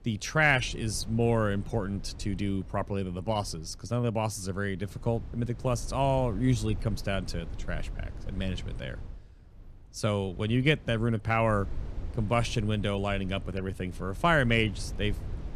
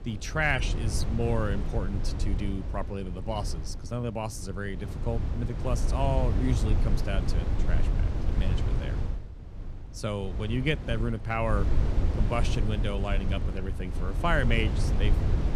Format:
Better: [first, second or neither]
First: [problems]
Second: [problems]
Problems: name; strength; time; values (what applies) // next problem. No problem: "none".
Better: first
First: wind noise on the microphone; occasional gusts; 25 dB below the speech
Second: wind noise on the microphone; heavy; 9 dB below the speech